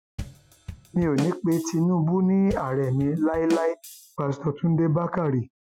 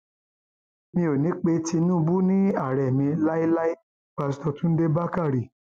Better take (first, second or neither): second